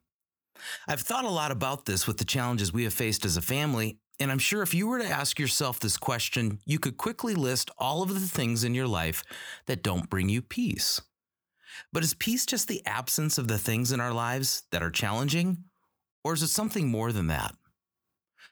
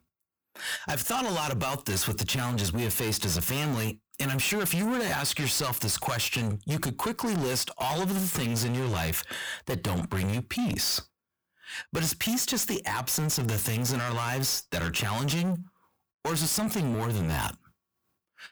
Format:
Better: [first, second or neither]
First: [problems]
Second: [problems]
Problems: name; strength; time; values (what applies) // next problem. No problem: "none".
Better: first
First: none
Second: distortion; heavy; 7 dB below the speech